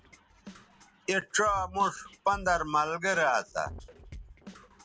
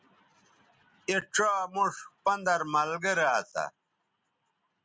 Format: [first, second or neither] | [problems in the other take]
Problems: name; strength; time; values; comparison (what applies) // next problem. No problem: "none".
second | background sound (Drum kit); 17 dB below the speech